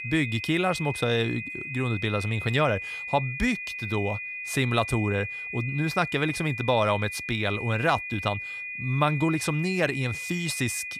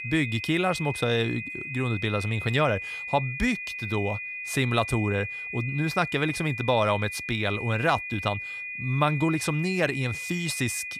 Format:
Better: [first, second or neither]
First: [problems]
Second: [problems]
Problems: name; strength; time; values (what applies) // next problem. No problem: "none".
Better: neither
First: high-pitched whine; loud; throughout; 2.5 kHz, 6 dB below the speech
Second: high-pitched whine; loud; throughout; 2.5 kHz, 6 dB below the speech